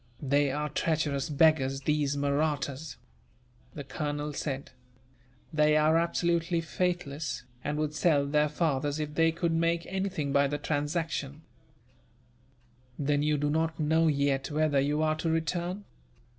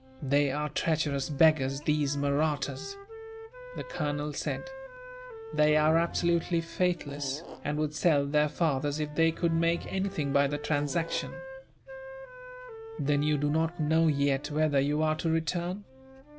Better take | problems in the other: first | background sound (Wind instrument, woodwind instrument + Fart / Drawer open or close); 15 dB below the speech

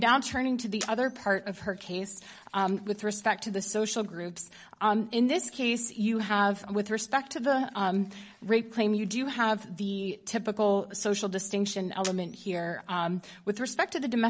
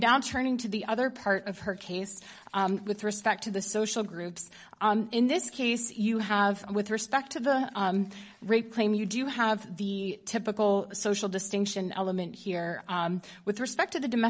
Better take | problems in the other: second | background sound (Camera); 17 dB below the speech

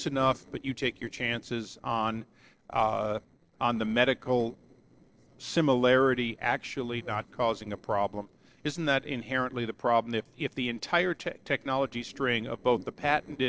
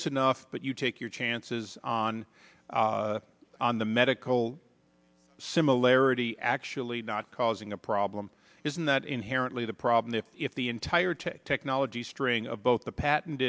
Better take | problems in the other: second | noise reduction (neural separator model SepFormer DNS4)

